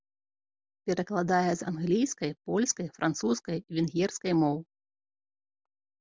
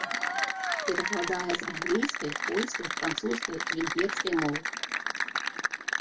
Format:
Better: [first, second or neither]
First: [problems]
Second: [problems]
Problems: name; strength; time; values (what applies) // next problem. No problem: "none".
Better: first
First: none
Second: background sound (Applause / Cheering); 1 dB above the speech // room echo; dies away in 0.1 s